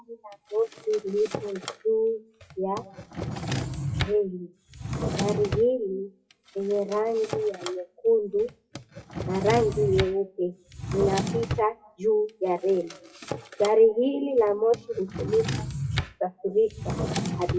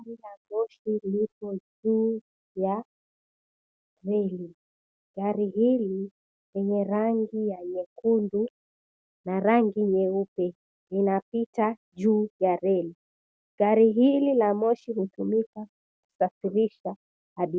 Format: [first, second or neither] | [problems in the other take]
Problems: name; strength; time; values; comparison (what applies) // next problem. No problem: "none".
second | noise reduction (classical method WPE with log-MMSE)